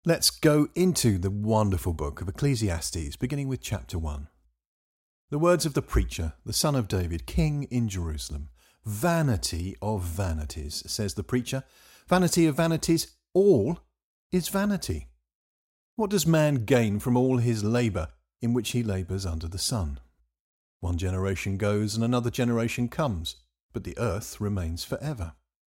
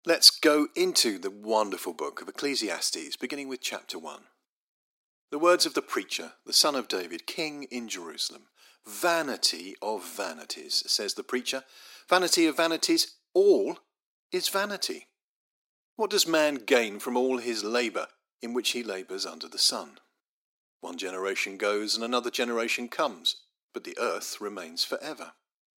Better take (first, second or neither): first